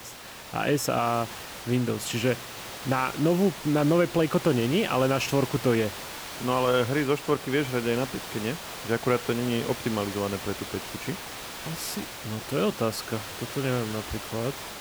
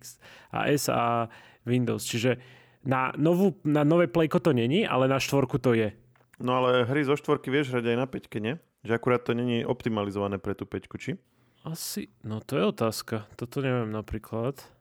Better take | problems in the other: second | hiss; loud; throughout; 9 dB below the speech

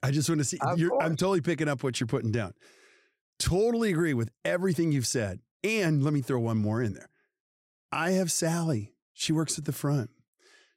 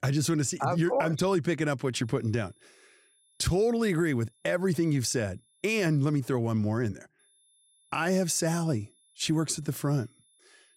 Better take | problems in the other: first | high-pitched whine; faint; from 2 to 6 s and from 7 s on; 10.5 kHz, 35 dB below the speech

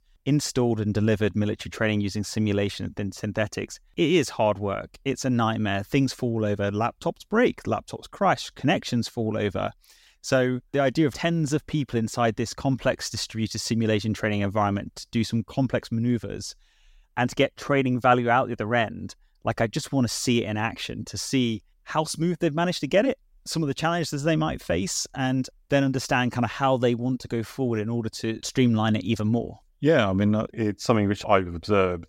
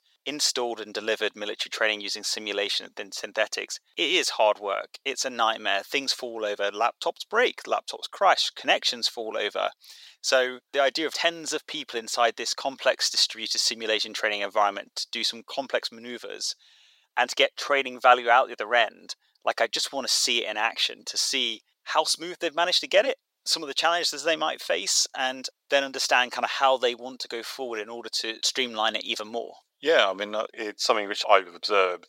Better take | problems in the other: first | thin; very; fading below 500 Hz

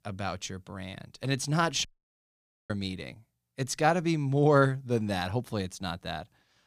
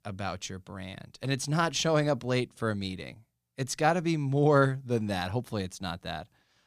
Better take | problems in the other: second | audio cutting out; at 2 s for 1 s

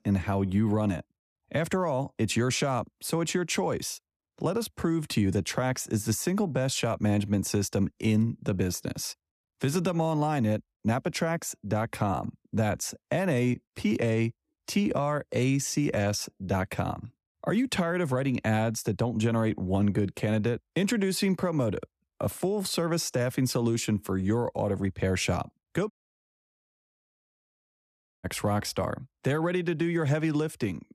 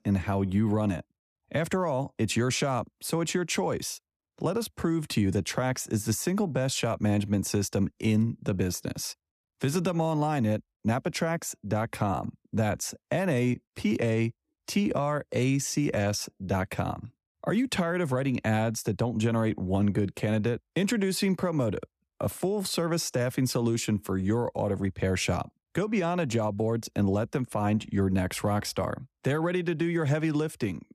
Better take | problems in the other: second | audio cutting out; at 26 s for 2.5 s

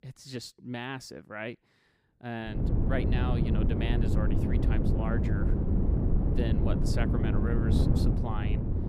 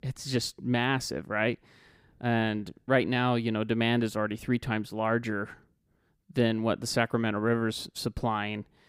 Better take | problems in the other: second | wind noise on the microphone; heavy; from 2.5 s on; 1 dB above the speech

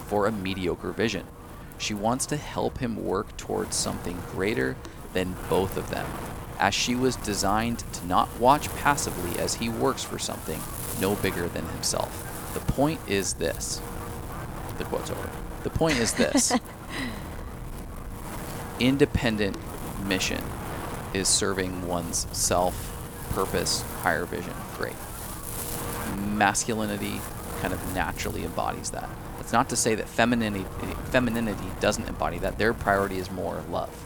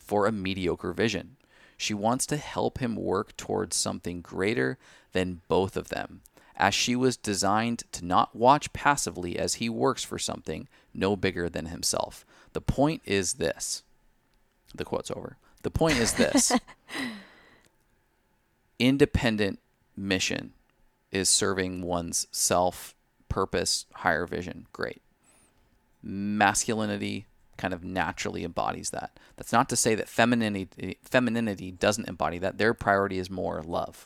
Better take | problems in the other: second | wind noise on the microphone; occasional gusts; 10 dB below the speech

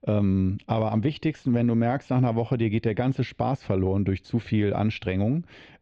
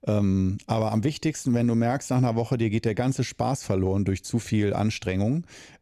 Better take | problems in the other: second | muffled; slightly; fading above 3.5 kHz

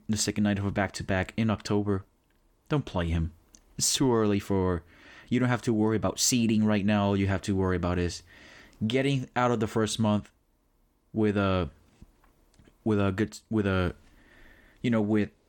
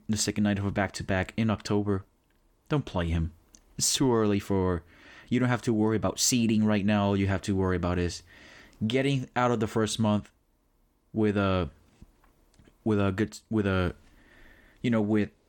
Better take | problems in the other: neither | none

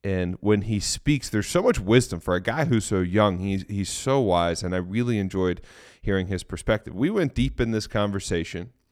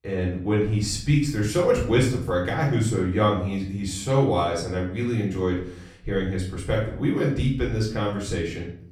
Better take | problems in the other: first | off-mic speech; far // room echo; slight; dies away in 0.5 s

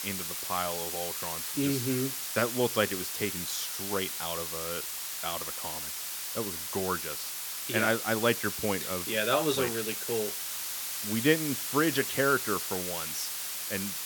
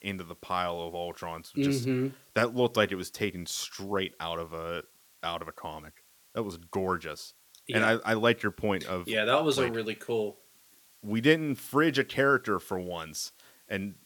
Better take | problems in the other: second | hiss; loud; throughout; 2 dB below the speech; faint in the second

